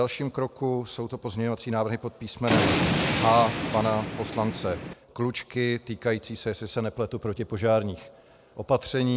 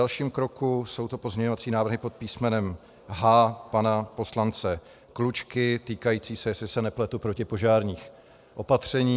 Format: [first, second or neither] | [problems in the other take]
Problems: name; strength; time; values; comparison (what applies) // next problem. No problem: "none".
second | background sound (Thunder); as loud as the speech